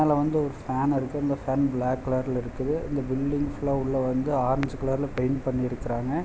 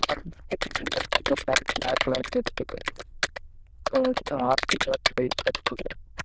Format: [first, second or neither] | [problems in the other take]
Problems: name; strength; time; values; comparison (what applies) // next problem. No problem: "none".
first | noise reduction (neural diffusion model UNIVERSE++)